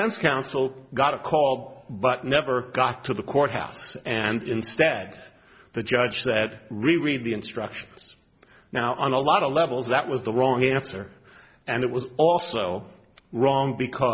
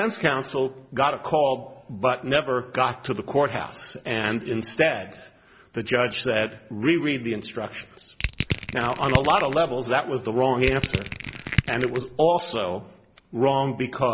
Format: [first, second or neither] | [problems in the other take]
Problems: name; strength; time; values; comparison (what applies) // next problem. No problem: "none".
first | background sound (Crushing); 4 dB below the speech